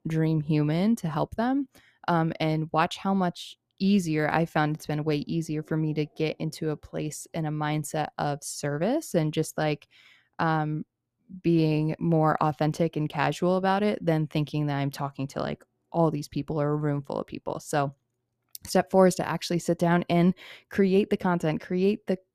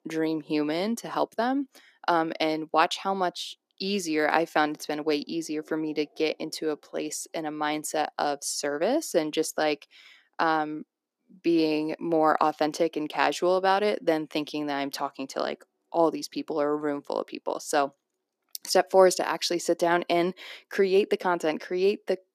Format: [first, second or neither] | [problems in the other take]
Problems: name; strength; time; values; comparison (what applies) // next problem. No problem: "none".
first | thin; somewhat; fading below 300 Hz